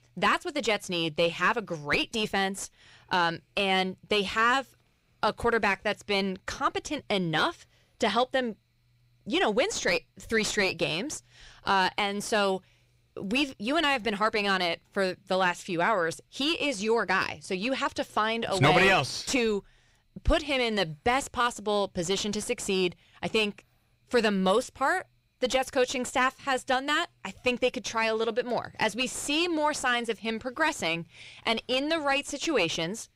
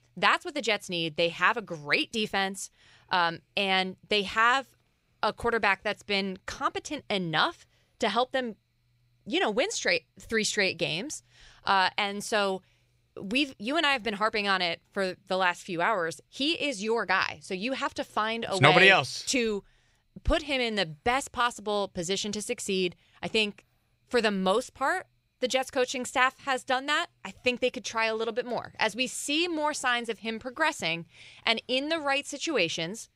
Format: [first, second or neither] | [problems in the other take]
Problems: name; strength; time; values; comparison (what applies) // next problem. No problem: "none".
second | distortion; slight; 10 dB below the speech